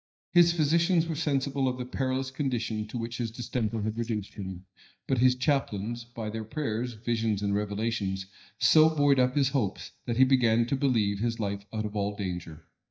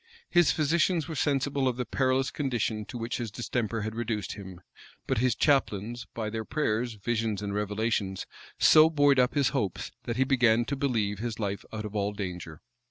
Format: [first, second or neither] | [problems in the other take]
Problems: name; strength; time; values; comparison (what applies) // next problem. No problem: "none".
second | noise reduction (neural mask model DeepFilterNet 3)